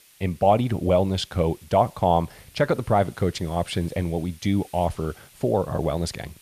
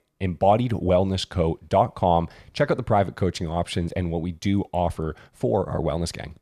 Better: second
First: hiss; faint; throughout; 25 dB below the speech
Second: none

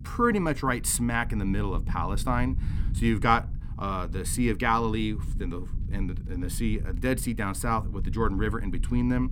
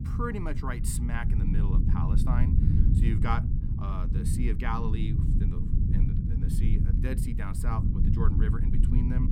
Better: first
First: low rumble; faint; throughout; 20 dB below the speech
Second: low rumble; loud; throughout; 3 dB below the speech

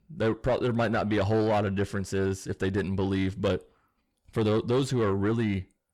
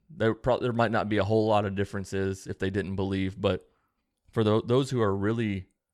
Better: second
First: distortion; slight; 10 dB below the speech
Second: none

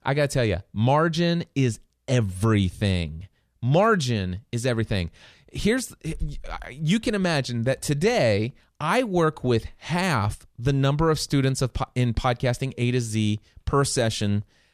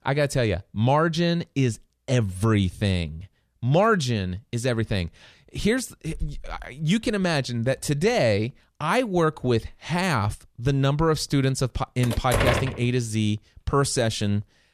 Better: first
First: none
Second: door banging; loud; at 12 s; peak 1 dB above the speech

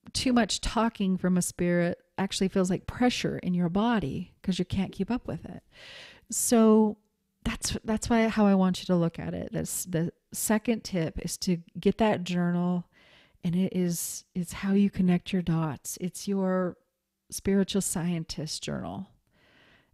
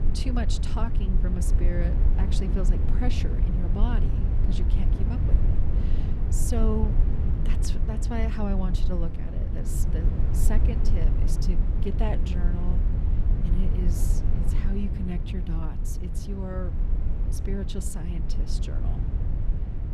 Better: first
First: none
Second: low rumble; loud; throughout; 3 dB below the speech

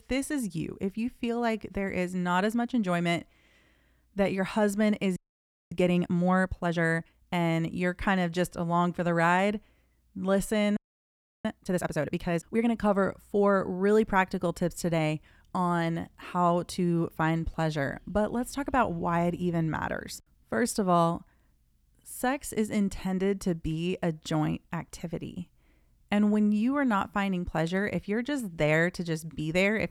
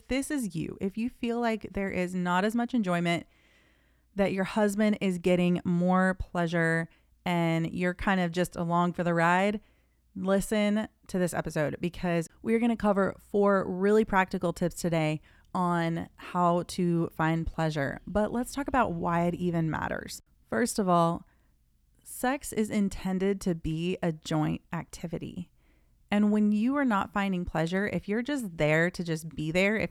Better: second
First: audio freezing; at 5 s for 0.5 s and at 11 s for 0.5 s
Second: none

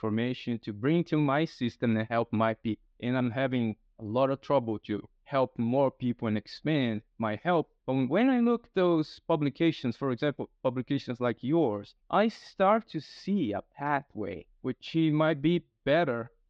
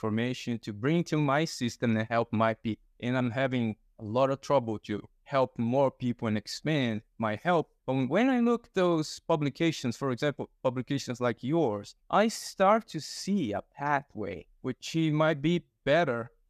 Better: second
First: muffled; slightly; fading above 4 kHz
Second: none

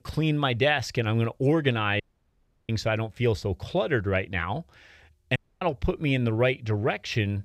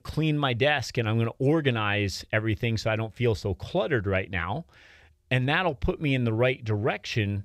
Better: second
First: audio cutting out; at 2 s for 0.5 s and at 5.5 s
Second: none

